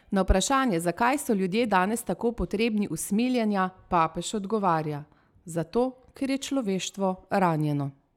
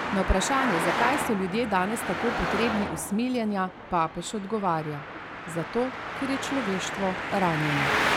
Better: first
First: none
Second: background sound (Traffic noise, roadway noise); 3 dB below the speech

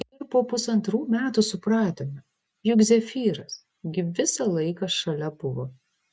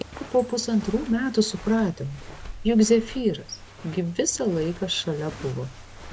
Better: first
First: none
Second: background sound (Walk, footsteps); 15 dB below the speech

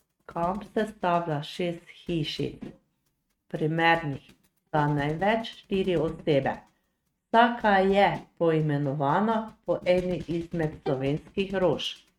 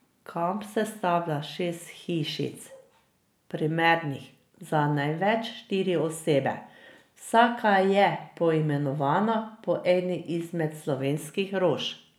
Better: second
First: noise reduction (neural mask model RNNoise)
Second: none

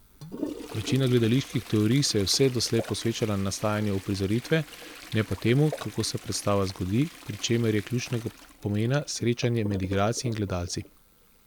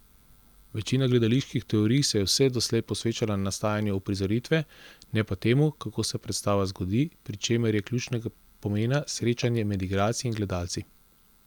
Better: second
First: background sound (Toilet flush + Splash, splatter); 15 dB below the speech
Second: none

